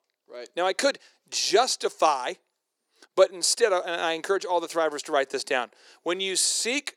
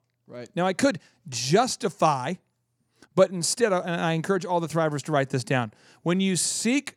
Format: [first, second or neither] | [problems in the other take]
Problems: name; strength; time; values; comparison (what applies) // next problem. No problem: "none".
second | thin; very; fading below 400 Hz